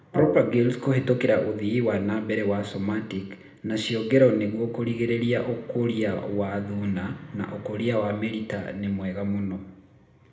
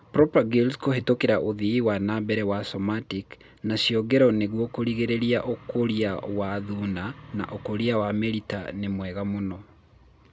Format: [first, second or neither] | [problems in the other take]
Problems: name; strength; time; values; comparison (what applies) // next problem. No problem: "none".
second | background sound (Brass instrument); 10 dB below the speech // room echo; dies away in 0.7 s